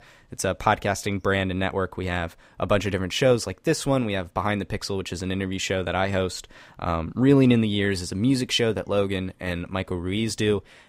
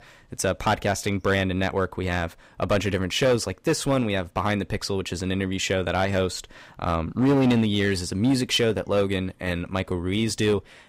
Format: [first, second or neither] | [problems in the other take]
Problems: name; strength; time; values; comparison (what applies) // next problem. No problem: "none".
first | distortion; slight; 5% of the sound clipped